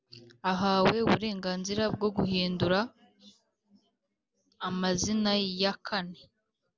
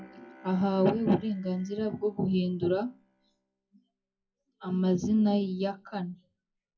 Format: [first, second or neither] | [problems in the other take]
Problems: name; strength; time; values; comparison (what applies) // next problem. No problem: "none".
first | noise reduction (classical method WPE with log-MMSE)